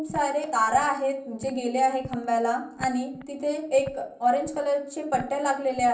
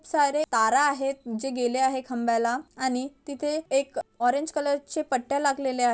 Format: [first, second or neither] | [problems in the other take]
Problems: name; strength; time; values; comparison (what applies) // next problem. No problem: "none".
second | background sound (Walk, footsteps); 20 dB below the speech // room echo; dies away in 0.6 s